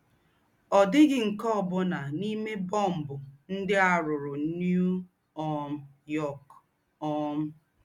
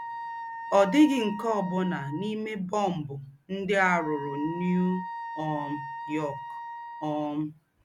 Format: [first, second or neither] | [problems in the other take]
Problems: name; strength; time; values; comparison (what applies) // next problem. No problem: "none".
first | background sound (Wind instrument, woodwind instrument); 11 dB below the speech